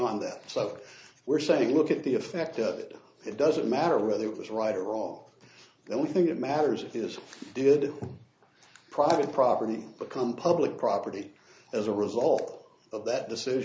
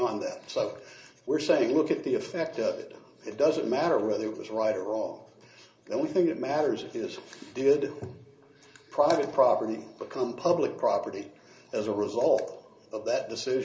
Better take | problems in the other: first | room echo; dies away in 1.3 s

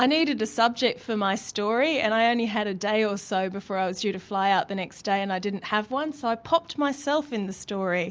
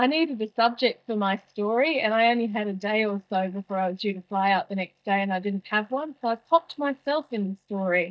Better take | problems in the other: first | noise reduction (neural mask model DeepFilterNet 3)

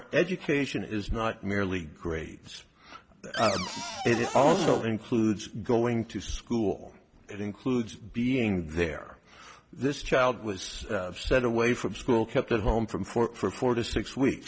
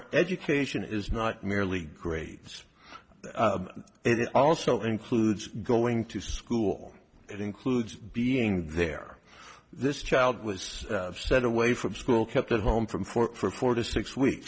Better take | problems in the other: second | background sound (Cupboard open or close); 3 dB below the speech

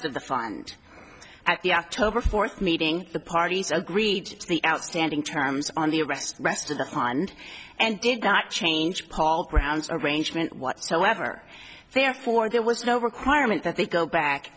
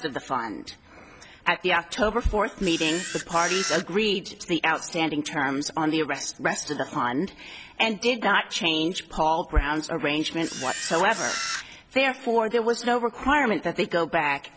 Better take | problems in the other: first | background sound (Camera); 7 dB below the speech

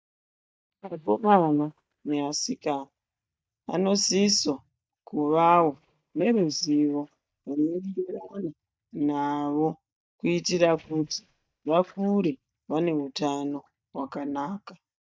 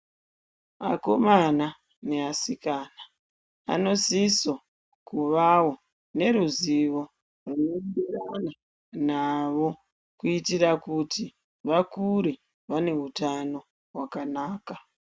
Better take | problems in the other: second | noise reduction (neural mask model DeepFilterNet 3)

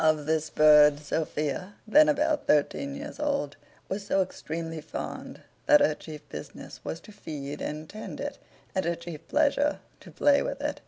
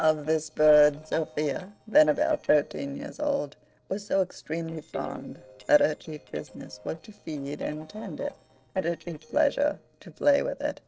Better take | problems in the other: first | noise reduction (neural separator model SepFormer DNS4)

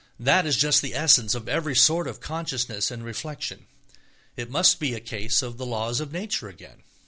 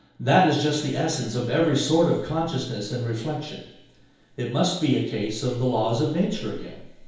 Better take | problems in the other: first | room echo; dies away in 2.2 s

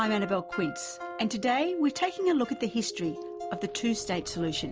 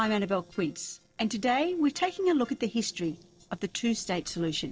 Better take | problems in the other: first | noise reduction (neural separator model SepFormer DNS4)

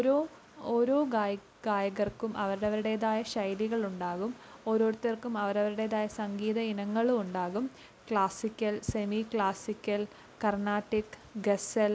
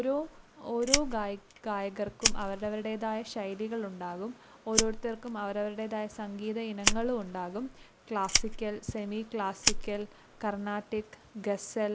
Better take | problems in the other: first | background sound (Fire); 2 dB below the speech

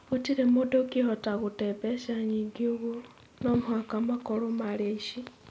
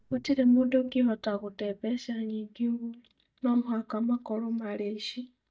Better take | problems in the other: first | noise reduction (neural mask model DeepFilterNet 3)

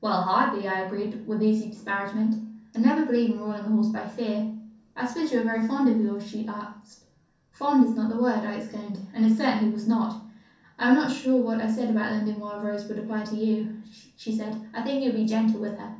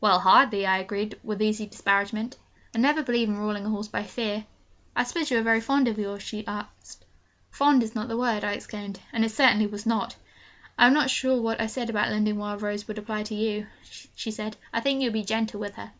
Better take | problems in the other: second | room echo; dies away in 0.6 s

